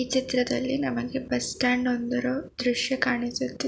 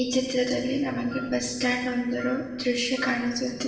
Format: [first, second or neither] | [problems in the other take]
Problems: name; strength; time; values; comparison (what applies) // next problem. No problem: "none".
first | background sound (Wind instrument, woodwind instrument); 17 dB below the speech // room echo; dies away in 1.1 s